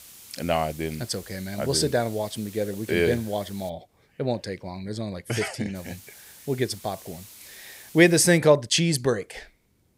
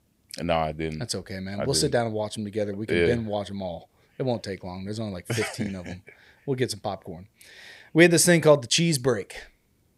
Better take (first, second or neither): second